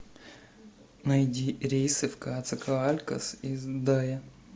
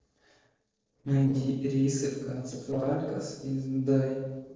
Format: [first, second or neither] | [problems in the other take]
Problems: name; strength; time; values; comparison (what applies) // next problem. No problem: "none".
first | noise reduction (neural separator model SepFormer DNS4)